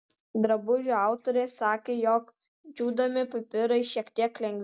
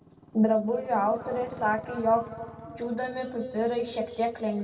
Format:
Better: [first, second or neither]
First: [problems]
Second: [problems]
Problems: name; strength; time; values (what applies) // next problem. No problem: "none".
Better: first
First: none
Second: background sound (Motorcycle); 20 dB below the speech // room echo; dies away in 2.3 s